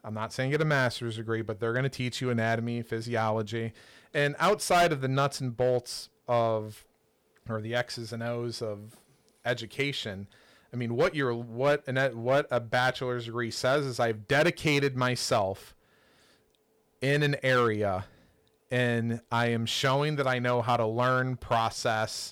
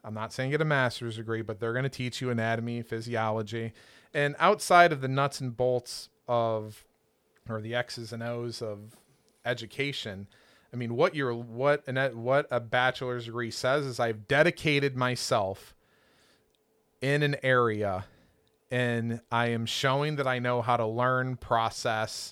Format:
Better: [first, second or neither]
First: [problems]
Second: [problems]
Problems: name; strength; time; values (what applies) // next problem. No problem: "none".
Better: second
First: distortion; slight; 3% of the sound clipped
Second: none